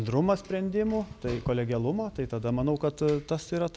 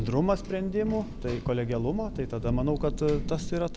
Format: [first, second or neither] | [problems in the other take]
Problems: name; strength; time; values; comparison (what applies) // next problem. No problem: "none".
first | background sound (Thunder / Rain); 6 dB below the speech